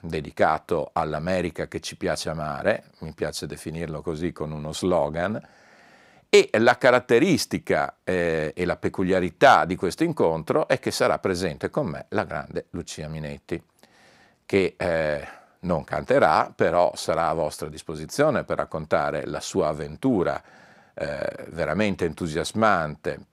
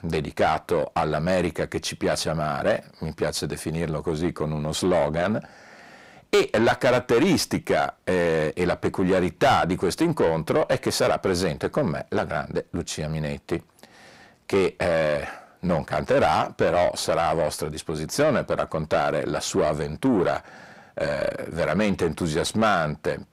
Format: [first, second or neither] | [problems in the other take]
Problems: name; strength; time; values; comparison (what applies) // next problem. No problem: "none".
first | distortion; heavy; 7 dB below the speech